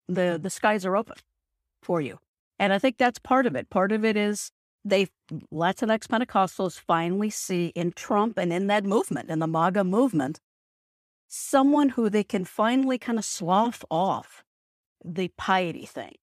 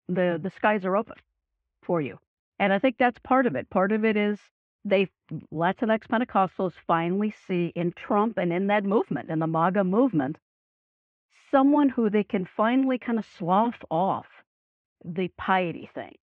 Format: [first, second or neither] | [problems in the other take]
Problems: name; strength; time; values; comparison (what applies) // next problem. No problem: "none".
first | muffled; very; fading above 2.5 kHz